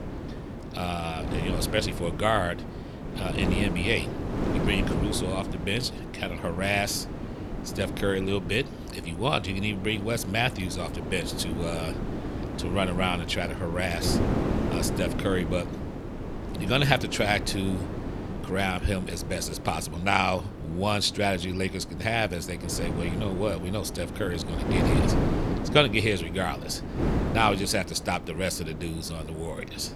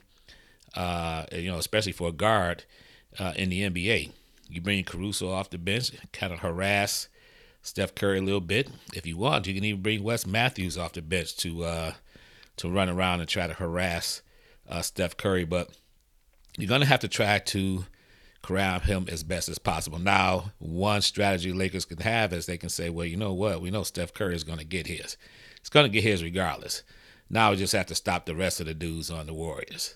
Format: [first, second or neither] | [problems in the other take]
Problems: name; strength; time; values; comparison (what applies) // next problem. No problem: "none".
second | wind noise on the microphone; heavy; 8 dB below the speech